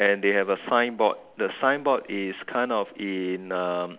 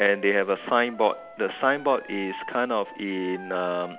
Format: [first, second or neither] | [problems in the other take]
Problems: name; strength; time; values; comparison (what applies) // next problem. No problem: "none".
first | background sound (Wind instrument, woodwind instrument); 17 dB below the speech